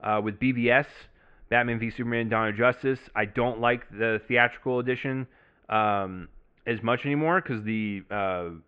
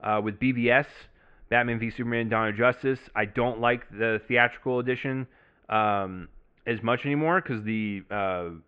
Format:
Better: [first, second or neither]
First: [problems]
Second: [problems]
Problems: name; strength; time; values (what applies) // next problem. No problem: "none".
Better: neither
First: muffled; very; fading above 2.5 kHz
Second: muffled; very; fading above 2.5 kHz